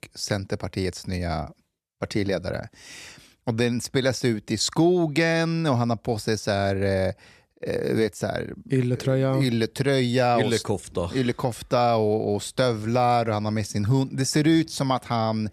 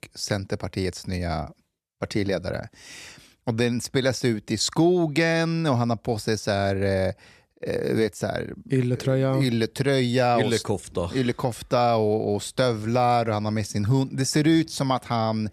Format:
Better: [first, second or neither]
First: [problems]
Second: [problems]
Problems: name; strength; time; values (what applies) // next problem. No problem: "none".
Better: neither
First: none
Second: none